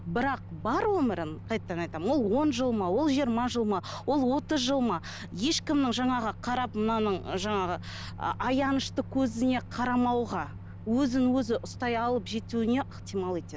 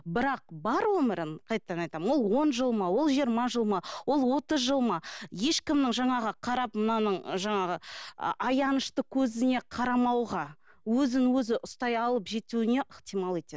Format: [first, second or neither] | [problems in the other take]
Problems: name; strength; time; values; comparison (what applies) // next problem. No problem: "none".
second | background sound (Microwave oven); 14 dB below the speech